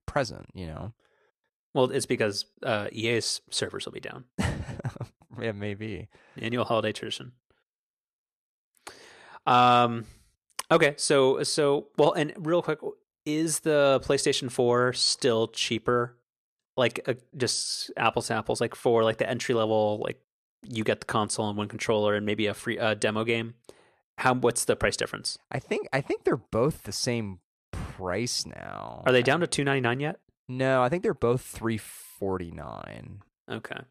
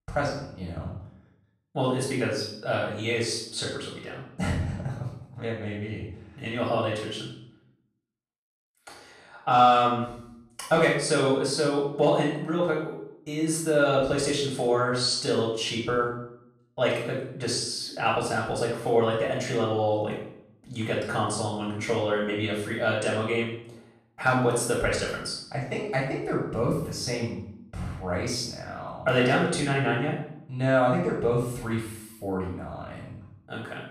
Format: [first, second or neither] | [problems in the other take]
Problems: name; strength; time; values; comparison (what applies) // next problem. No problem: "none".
first | off-mic speech; far // room echo; noticeable; dies away in 0.6 s